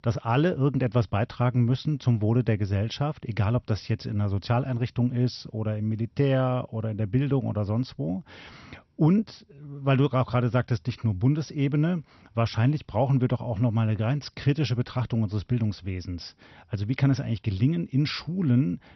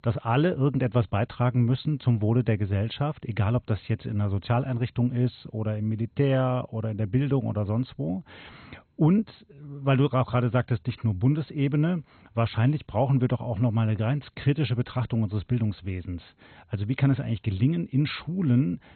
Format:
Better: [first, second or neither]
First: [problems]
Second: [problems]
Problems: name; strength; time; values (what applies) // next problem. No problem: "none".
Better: first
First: garbled, watery; slightly; nothing above 6 kHz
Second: garbled, watery; badly; nothing above 4 kHz